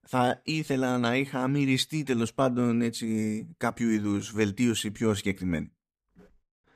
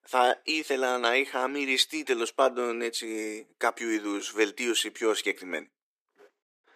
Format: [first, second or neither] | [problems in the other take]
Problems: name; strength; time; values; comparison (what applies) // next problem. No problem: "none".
first | thin; very; fading below 350 Hz